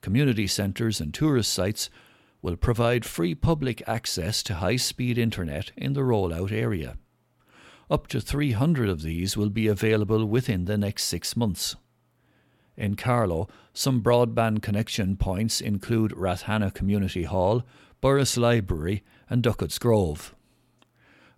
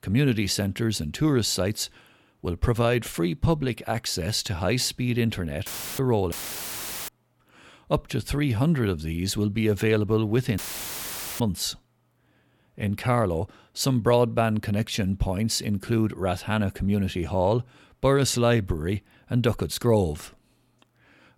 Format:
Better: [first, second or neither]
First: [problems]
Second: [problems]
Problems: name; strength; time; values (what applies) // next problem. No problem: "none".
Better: first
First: none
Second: audio cutting out; filled with static; at 5.5 s, at 6.5 s for 1 s and at 11 s for 1 s